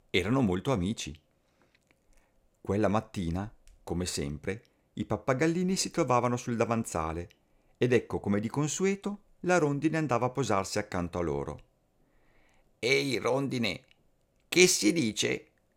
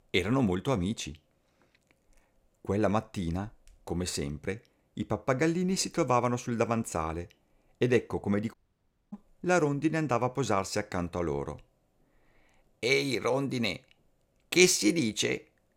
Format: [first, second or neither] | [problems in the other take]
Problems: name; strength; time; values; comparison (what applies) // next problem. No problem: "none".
first | audio cutting out; at 8.5 s for 0.5 s